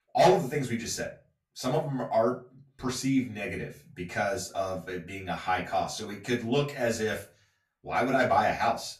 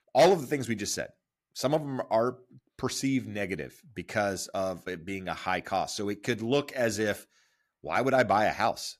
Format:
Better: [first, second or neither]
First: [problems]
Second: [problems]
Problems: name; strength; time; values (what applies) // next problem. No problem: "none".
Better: second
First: off-mic speech; far // room echo; very slight; dies away in 0.3 s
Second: none